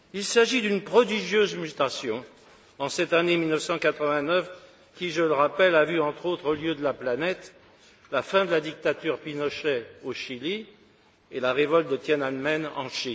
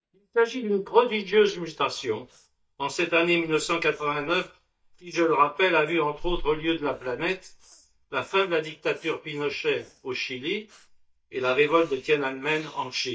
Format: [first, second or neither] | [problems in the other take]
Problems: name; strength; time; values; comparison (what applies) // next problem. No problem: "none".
first | noise reduction (neural mask model DeepFilterNet 3)